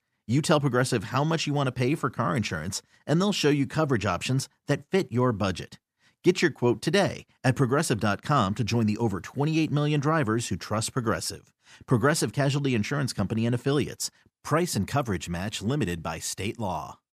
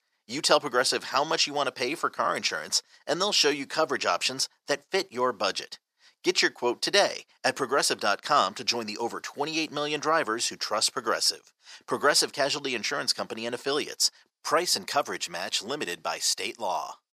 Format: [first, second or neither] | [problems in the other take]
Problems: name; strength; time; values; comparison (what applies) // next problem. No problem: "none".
first | thin; very; fading below 550 Hz